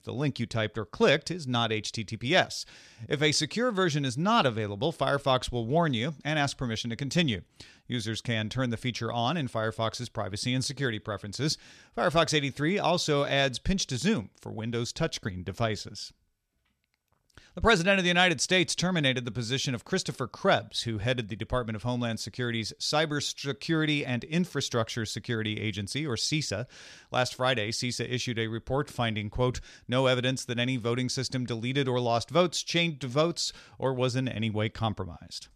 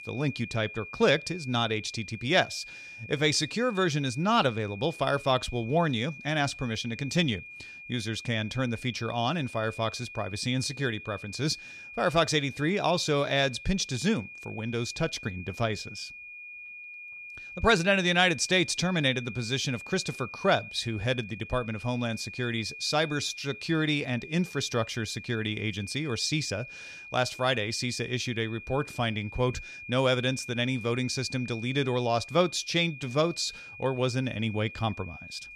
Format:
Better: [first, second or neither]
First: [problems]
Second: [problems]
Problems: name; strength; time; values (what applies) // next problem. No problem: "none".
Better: first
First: none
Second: high-pitched whine; noticeable; throughout; 2.5 kHz, 15 dB below the speech